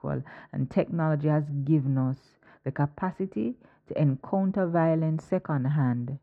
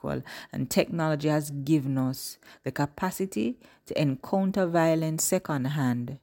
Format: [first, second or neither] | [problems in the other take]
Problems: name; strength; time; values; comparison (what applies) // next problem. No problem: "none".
second | muffled; very; fading above 1.5 kHz